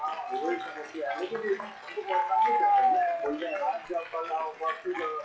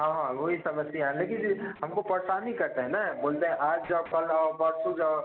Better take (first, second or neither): second